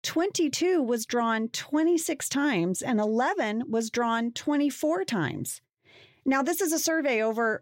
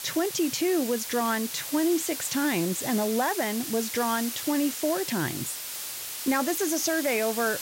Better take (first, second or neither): first